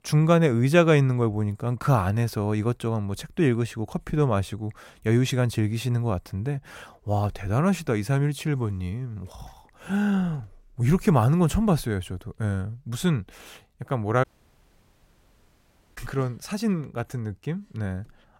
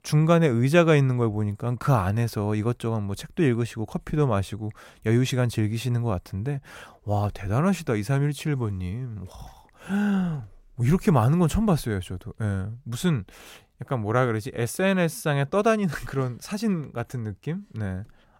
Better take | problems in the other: second | audio cutting out; at 14 s for 1.5 s

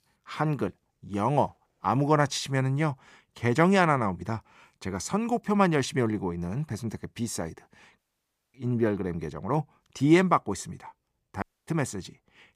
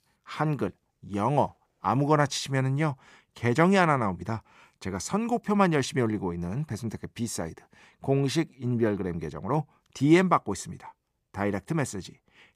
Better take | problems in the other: second | audio cutting out; at 8 s for 0.5 s and at 11 s

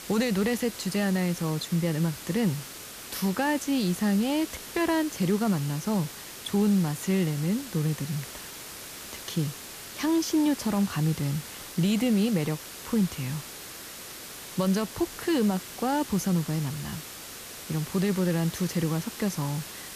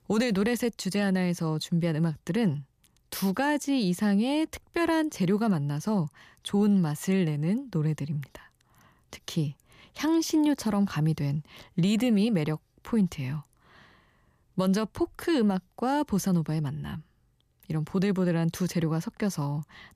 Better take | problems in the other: second | hiss; noticeable; throughout; 10 dB below the speech

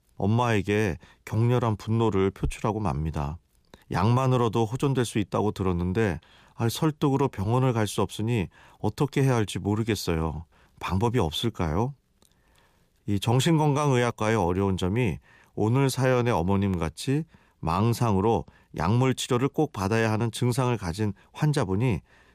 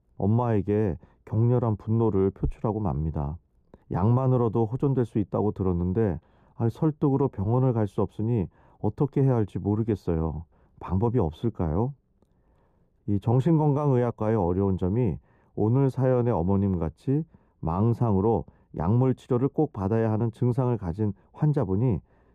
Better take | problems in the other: first | muffled; very; fading above 1.5 kHz

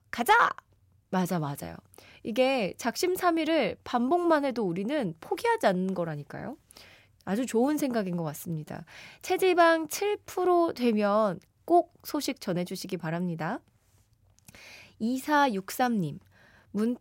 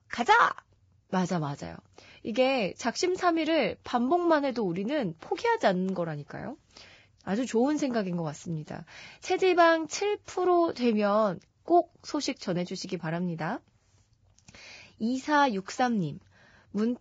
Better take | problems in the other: first | garbled, watery; badly; nothing above 7.5 kHz

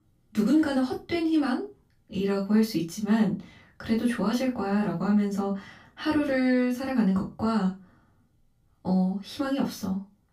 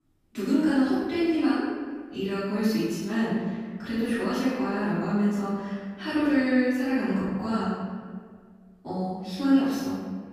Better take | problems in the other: first | room echo; strong; dies away in 1.5 s; slight in the first // off-mic speech; far; far in the first

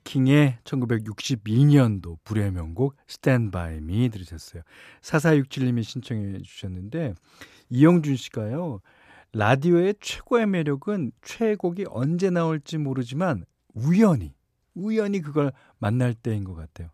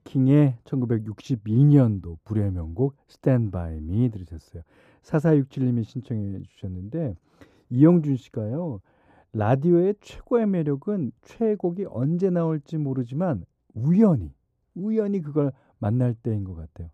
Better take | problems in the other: first | muffled; slightly; fading above 1 kHz

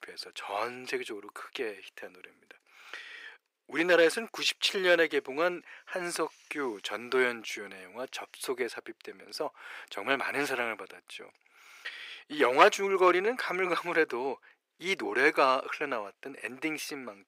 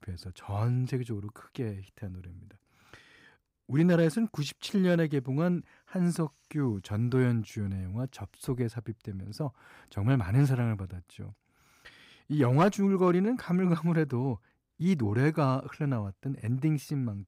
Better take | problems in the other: second | thin; very; fading below 400 Hz

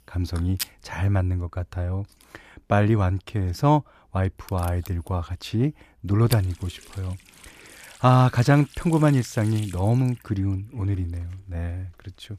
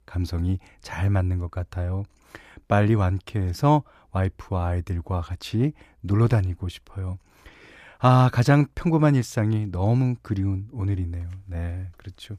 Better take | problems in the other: second | household noises; noticeable; throughout; 15 dB below the speech

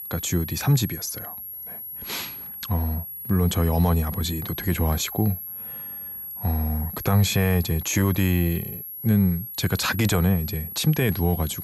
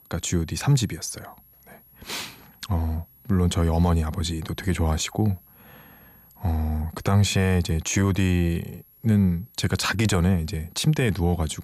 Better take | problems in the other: second | high-pitched whine; loud; throughout; 11.5 kHz, 9 dB below the speech; faint in the second

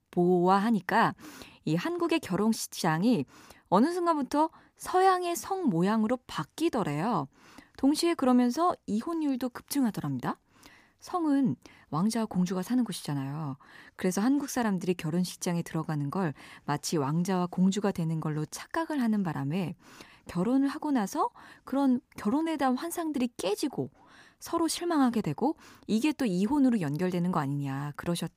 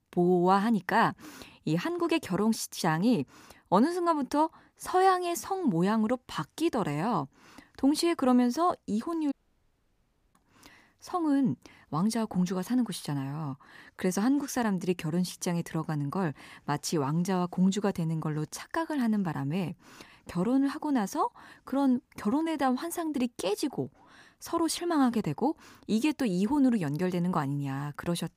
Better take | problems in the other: first | audio cutting out; at 9.5 s for 1 s

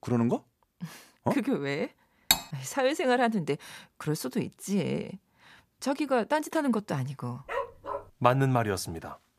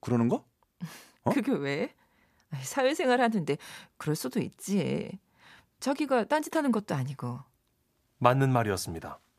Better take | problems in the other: second | clattering dishes; loud; at 2.5 s; peak 4 dB above the speech // dog barking; noticeable; at 7.5 s; peak 6 dB below the speech

